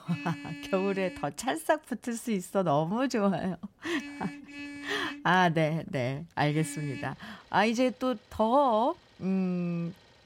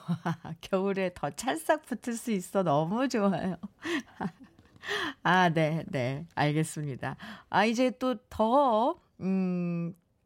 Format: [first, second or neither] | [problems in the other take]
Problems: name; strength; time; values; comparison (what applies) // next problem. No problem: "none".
second | traffic noise; noticeable; throughout; 15 dB below the speech